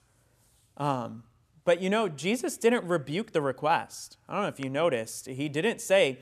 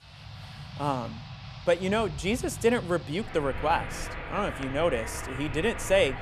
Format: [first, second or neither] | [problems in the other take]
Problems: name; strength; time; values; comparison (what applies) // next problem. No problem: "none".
first | rain or running water; noticeable; throughout; 10 dB below the speech